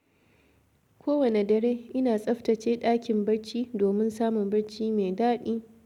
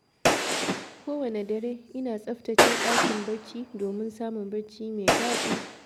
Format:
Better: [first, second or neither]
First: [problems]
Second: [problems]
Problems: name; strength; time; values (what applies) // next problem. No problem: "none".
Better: first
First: none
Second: background sound (Gunshot, gunfire); 4 dB above the speech